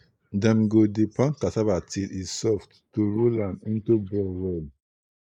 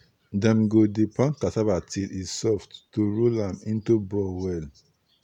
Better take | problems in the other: second | noise reduction (neural mask model Resemble Enhance denoiser)

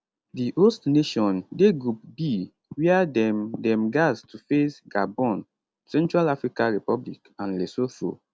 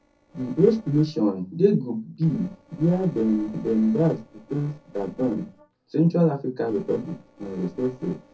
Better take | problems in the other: first | noise reduction (neural separator model SepFormer DNS4)

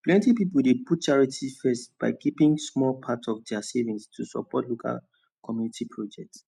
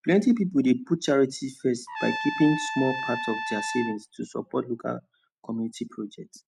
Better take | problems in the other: first | background sound (Trumpet); 6 dB below the speech

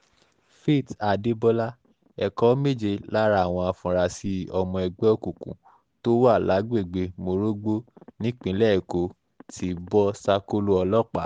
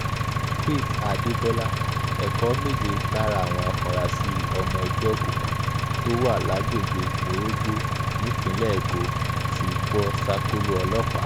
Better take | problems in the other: first | background sound (Engine); 4 dB above the speech

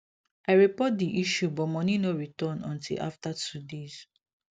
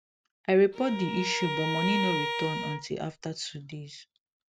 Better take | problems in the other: first | background sound (Bowed string instrument); 3 dB below the speech

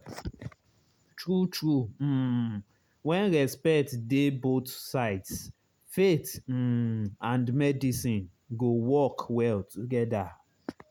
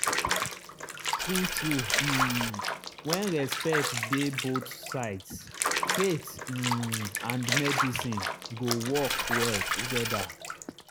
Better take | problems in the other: first | background sound (Coin (dropping) + Bathtub (filling or washing) / Water); 1 dB above the speech

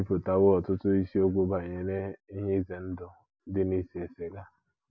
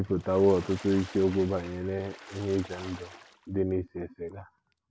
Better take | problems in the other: first | background sound (Water / Splash, splatter); 19 dB below the speech

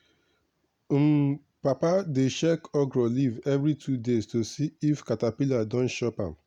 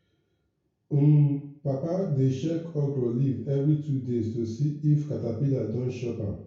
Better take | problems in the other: first | room echo; dies away in 0.6 s

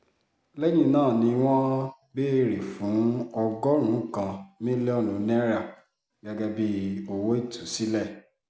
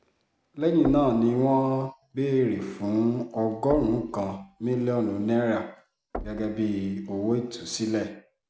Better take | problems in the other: first | background sound (Knock); 18 dB below the speech

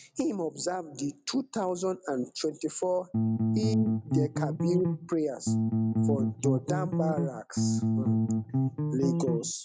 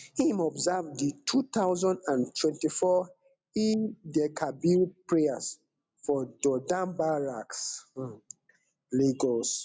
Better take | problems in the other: second | background sound (Bass guitar); 5 dB above the speech

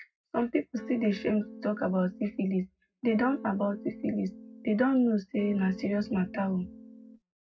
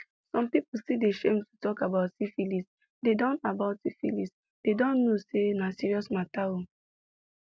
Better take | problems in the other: second | background sound (Electric guitar / Strum); 15 dB below the speech // room echo; dies away in 0.4 s

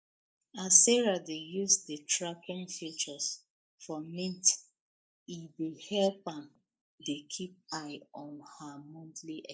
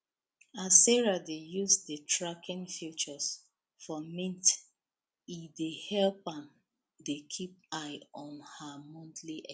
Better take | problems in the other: second | noise reduction (neural mask model Resemble Enhance denoiser)

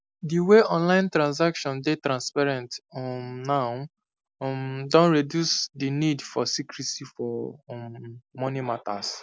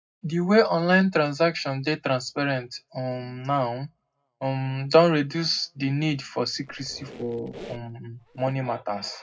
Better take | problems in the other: first | background sound (Squeak); 19 dB below the speech // room echo; dies away in 0.3 s

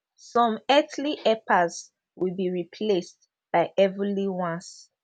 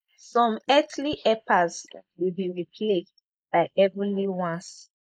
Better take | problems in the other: first | noise reduction (neural mask model Resemble Enhance denoiser)

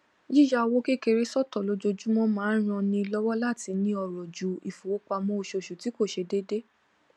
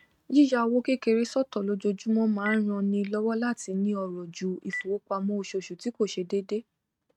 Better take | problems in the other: first | noise reduction (neural mask model RNNoise)

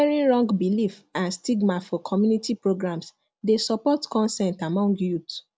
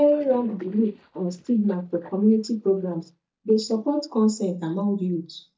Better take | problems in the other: first | noise reduction (neural mask model DeepFilterNet 3)

